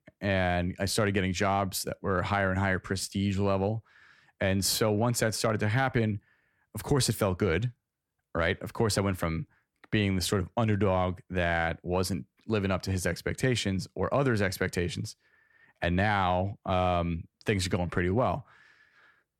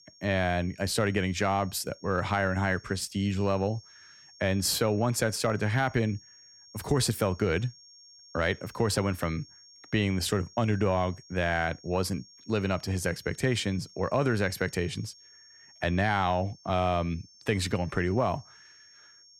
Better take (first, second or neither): first